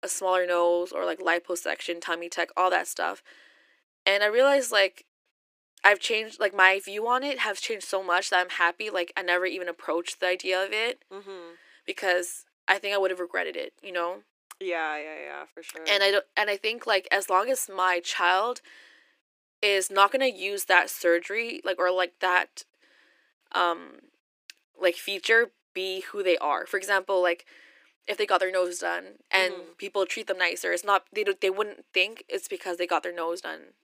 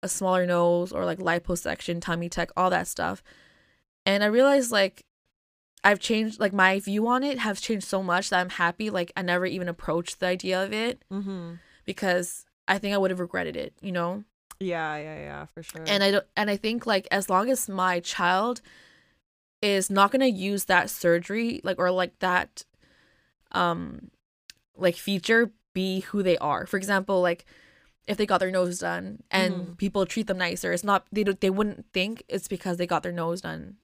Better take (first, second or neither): second